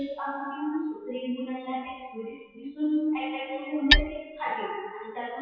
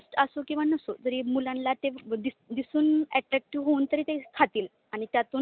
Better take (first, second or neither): second